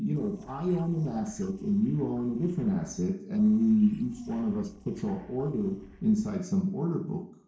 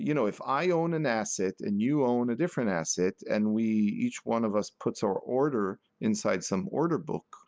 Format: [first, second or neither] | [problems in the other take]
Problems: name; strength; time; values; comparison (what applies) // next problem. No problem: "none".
second | noise reduction (neural separator model SepFormer DNS4)